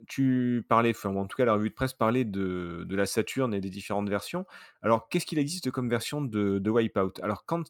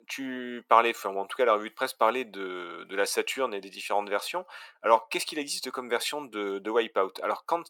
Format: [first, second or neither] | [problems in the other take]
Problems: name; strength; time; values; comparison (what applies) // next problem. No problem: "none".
first | thin; very; fading below 450 Hz